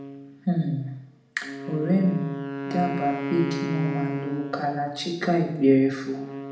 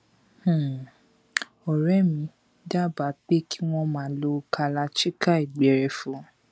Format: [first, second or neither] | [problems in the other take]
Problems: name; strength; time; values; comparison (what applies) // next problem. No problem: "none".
second | background sound (Wind instrument, woodwind instrument); 8 dB below the speech // room echo; dies away in 0.8 s